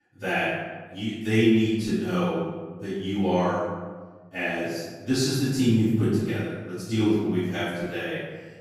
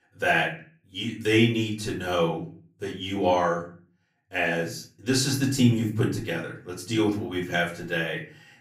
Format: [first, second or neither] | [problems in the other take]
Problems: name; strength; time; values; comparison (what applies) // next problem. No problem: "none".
second | room echo; strong; dies away in 1.3 s; slight in the second // off-mic speech; far; far in the second